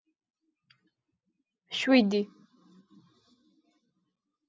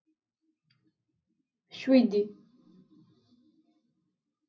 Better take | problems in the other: first | room echo; dies away in 0.4 s

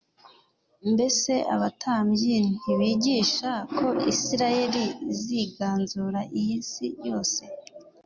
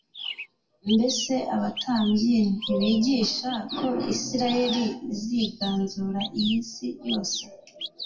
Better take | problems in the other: first | background sound (Bird vocalization, bird call, bird song); 12 dB below the speech // room echo; dies away in 0.2 s

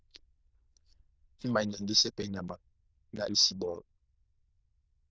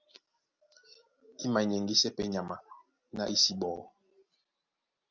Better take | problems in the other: second | noise reduction (neural diffusion model UNIVERSE++)

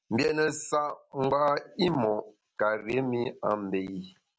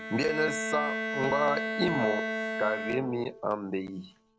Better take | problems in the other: first | background sound (Bowed string instrument); 3 dB below the speech

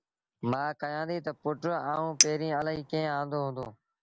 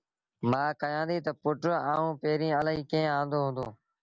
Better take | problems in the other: second | background sound (Chink, clink); 2 dB below the speech

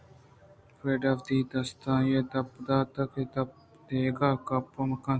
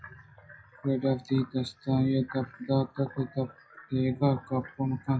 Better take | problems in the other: first | noise reduction (classical method WPE with log-MMSE)

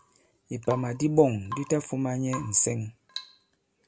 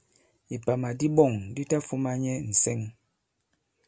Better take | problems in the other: second | background sound (Drip / Water tap, faucet / Rain); 16 dB below the speech

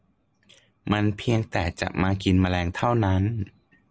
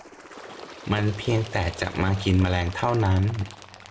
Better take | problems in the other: first | background sound (Bird); 16 dB below the speech // room echo; dies away in 0.4 s

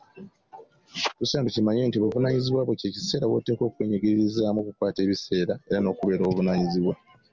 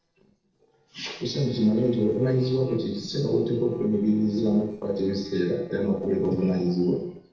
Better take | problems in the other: first | noise reduction (neural separator model SepFormer DNS4)

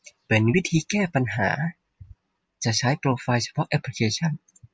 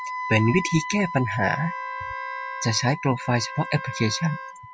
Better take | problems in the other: first | background sound (Wind instrument, woodwind instrument + Wind instrument, woodwind instrument); 8 dB below the speech

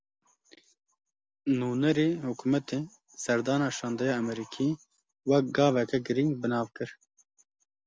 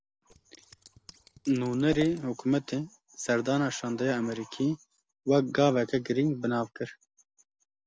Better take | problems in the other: first | background sound (Scissors); 19 dB below the speech

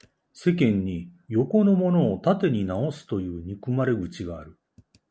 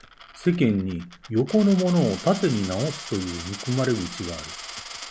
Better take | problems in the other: first | background sound (Coin (dropping)); 14 dB below the speech

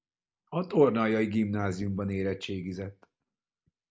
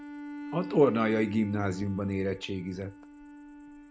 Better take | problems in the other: first | background sound (Cricket + Bowed string instrument); 12 dB below the speech

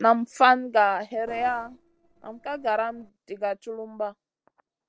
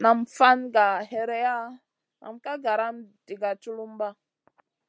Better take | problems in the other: second | noise reduction (neural separator model SepFormer DNS4)

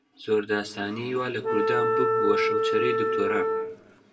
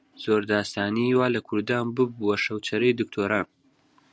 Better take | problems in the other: second | background sound (Wind instrument, woodwind instrument); 3 dB above the speech // room echo; dies away in 1.4 s

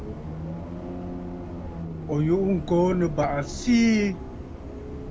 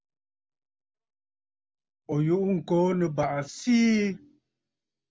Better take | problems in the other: second | background sound (Bus); 9 dB below the speech

